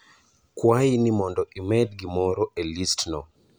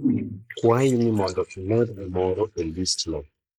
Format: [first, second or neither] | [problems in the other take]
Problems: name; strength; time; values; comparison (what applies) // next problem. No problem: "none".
first | noise reduction (neural mask model Resemble Enhance denoiser)